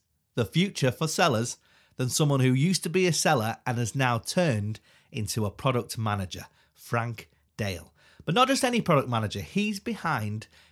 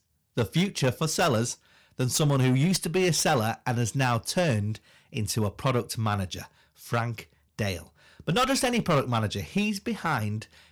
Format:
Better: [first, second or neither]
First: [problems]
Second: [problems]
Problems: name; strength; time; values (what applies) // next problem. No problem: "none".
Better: first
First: none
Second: distortion; slight; 7% of the sound clipped